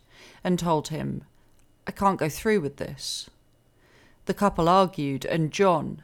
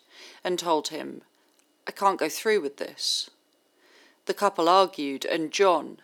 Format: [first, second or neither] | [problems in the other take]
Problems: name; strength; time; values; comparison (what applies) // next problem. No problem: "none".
first | thin; somewhat; fading below 300 Hz